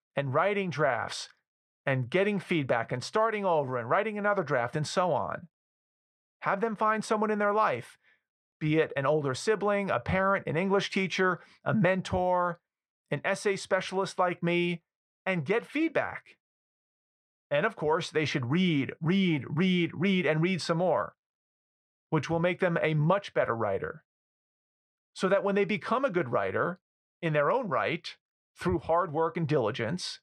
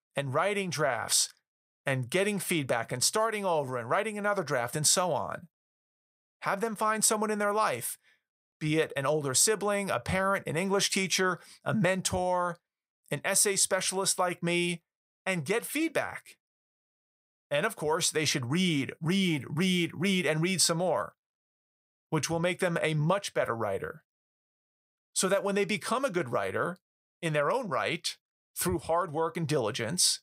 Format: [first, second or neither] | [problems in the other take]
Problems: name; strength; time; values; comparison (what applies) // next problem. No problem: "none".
second | muffled; slightly; fading above 2.5 kHz